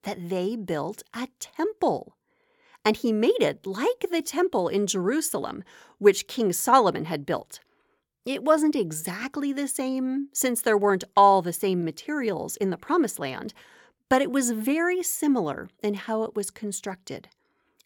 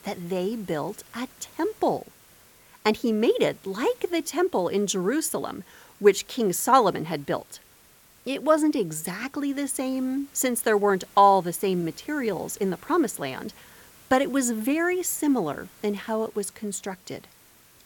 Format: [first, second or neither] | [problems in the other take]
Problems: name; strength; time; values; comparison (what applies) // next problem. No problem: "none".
first | hiss; faint; throughout; 25 dB below the speech